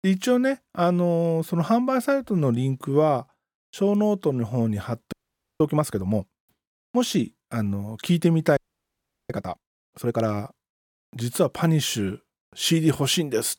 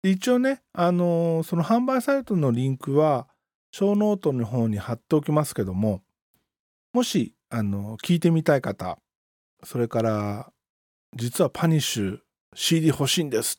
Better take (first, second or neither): second